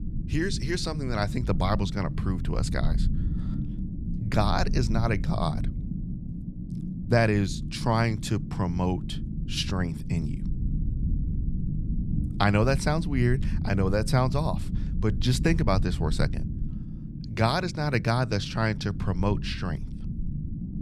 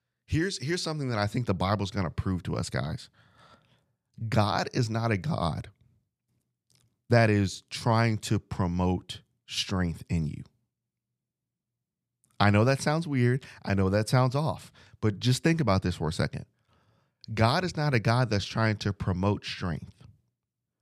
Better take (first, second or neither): second